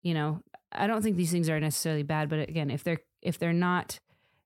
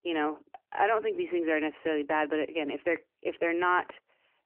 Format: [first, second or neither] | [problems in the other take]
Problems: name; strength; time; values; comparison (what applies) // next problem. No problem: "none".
first | phone-call audio; nothing above 3 kHz